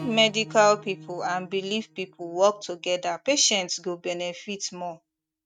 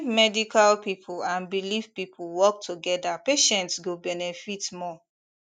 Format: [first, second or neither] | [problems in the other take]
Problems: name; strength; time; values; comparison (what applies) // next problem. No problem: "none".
second | noise reduction (neural mask model RNNoise)